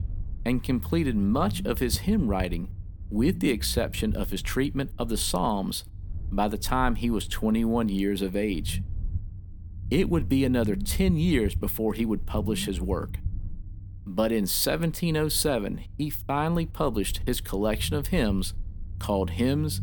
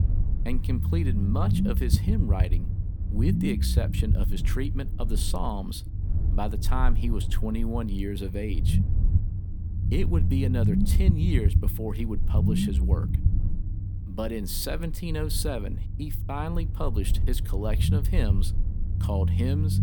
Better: first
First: low rumble; faint; throughout; 20 dB below the speech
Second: low rumble; loud; throughout; 5 dB below the speech

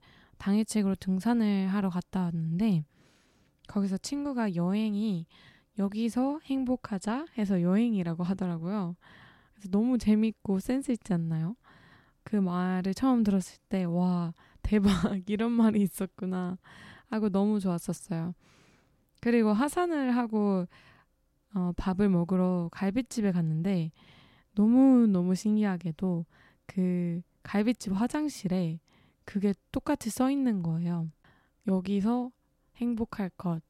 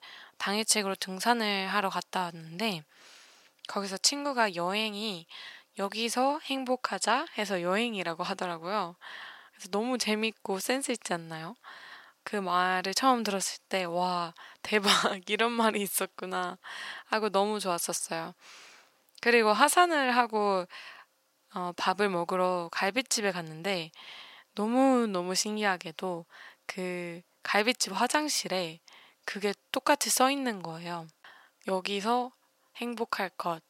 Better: first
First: none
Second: thin; very; fading below 700 Hz

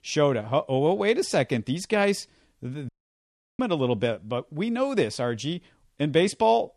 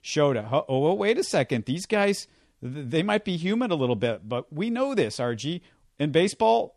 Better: second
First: audio cutting out; at 3 s for 0.5 s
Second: none

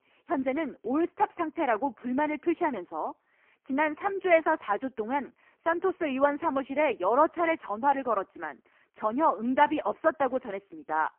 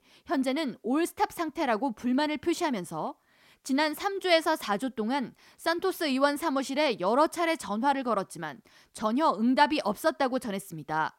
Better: second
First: phone-call audio; poor line; nothing above 3 kHz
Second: none

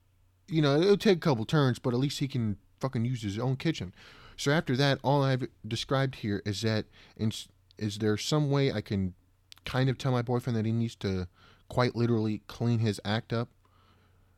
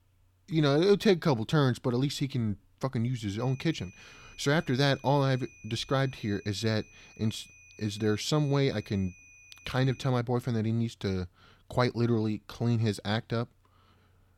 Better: first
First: none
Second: high-pitched whine; faint; from 3.5 to 10 s; 2.5 kHz, 25 dB below the speech

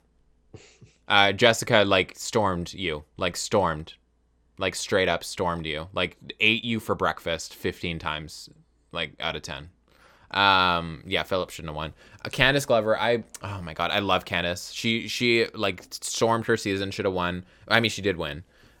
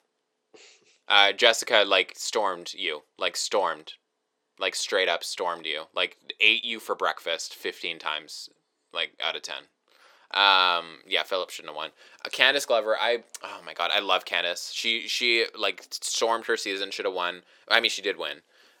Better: first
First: none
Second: thin; somewhat; fading below 400 Hz

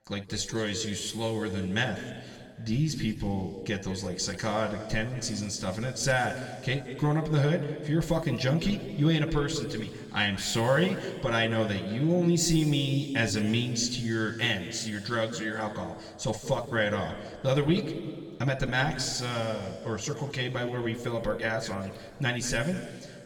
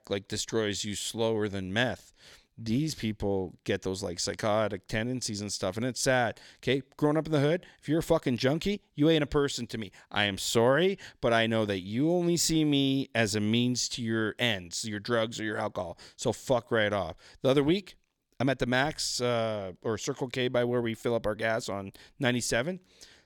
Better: second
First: room echo; noticeable; dies away in 2.1 s // off-mic speech; somewhat distant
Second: none

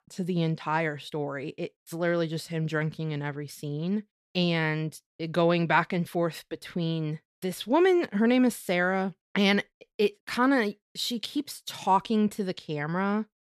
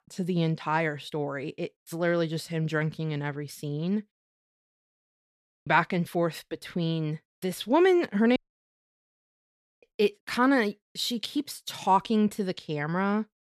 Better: first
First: none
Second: audio cutting out; at 4 s for 1.5 s and at 8.5 s for 1.5 s

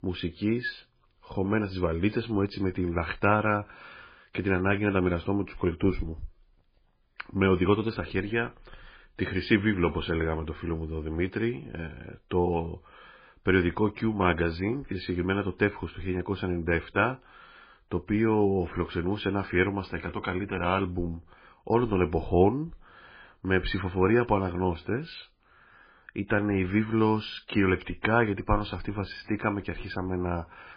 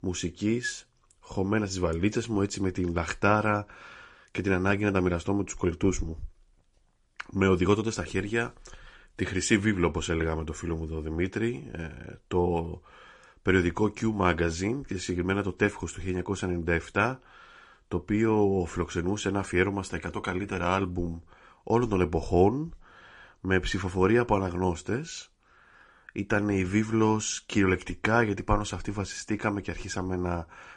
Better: second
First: garbled, watery; badly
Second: garbled, watery; slightly

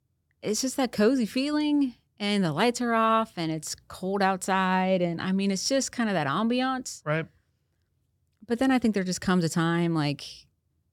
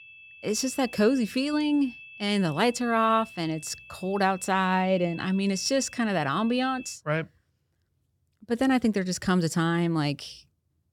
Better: first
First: none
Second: high-pitched whine; noticeable; until 7 s; 2.5 kHz, 20 dB below the speech

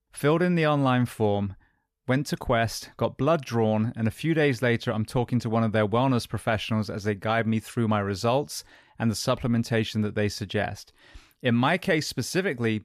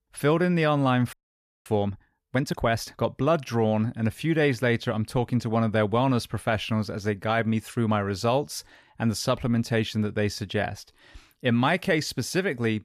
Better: first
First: none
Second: audio freezing; at 1 s for 0.5 s

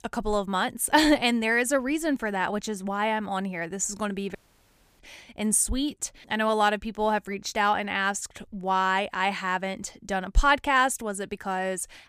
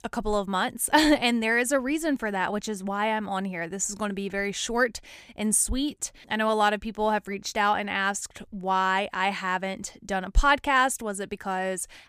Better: second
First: audio cutting out; at 4.5 s for 0.5 s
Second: none

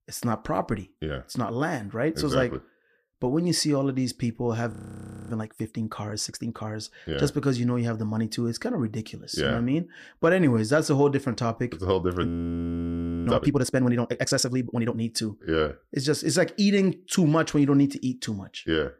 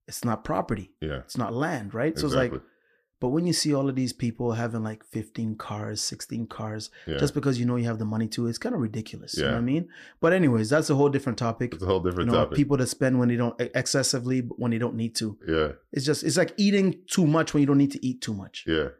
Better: second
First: audio freezing; at 4.5 s for 0.5 s and at 12 s for 1 s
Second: none

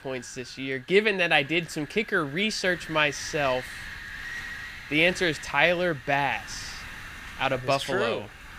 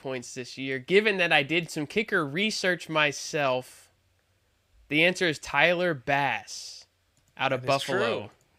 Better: second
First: wind noise on the microphone; occasional gusts; 15 dB below the speech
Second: none

